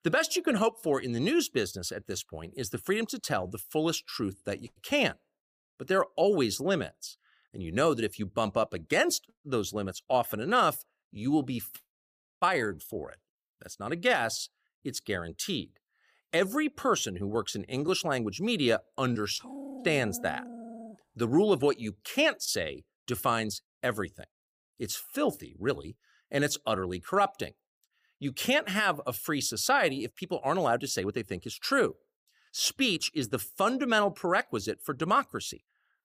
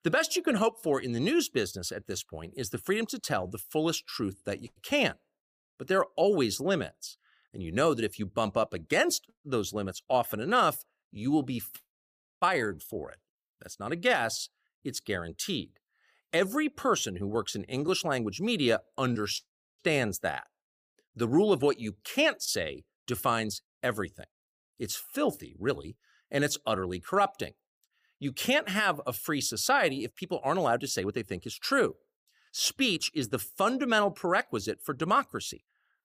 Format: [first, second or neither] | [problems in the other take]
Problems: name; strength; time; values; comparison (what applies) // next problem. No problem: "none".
second | dog barking; faint; from 19 to 21 s; peak 10 dB below the speech